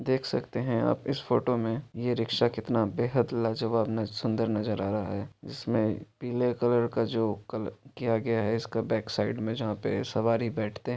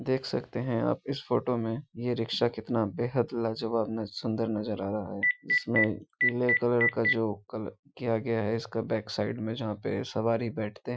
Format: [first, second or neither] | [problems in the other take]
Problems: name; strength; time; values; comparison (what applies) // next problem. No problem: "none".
first | noise reduction (classical method Wiener filter)